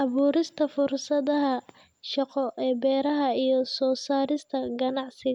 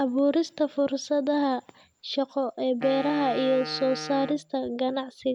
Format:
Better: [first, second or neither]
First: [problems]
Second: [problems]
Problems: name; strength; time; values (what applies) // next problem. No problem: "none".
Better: first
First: none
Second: background sound (Wind instrument, woodwind instrument); 13 dB below the speech